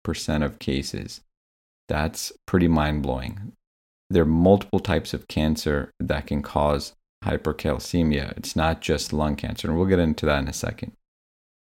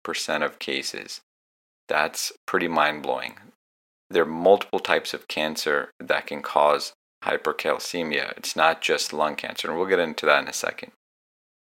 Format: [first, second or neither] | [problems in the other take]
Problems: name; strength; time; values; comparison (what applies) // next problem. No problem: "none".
first | thin; very; fading below 550 Hz